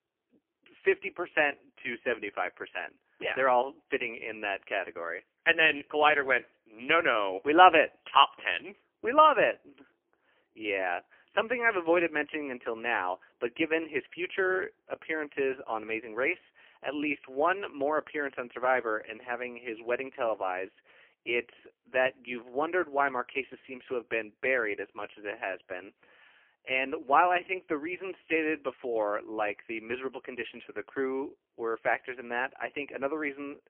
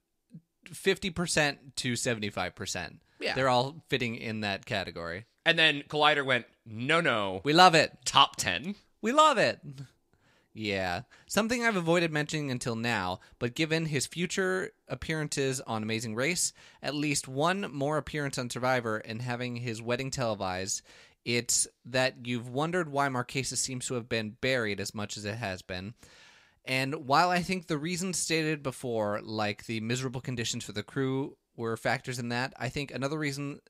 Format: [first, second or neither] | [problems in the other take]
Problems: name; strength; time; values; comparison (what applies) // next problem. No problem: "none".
second | phone-call audio; poor line; nothing above 3 kHz